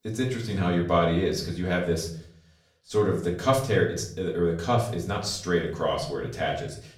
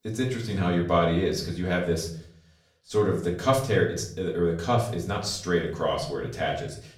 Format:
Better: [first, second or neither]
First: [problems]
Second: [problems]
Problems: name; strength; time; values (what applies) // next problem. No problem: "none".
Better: neither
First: off-mic speech; far // room echo; slight; dies away in 0.5 s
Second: off-mic speech; far // room echo; slight; dies away in 0.5 s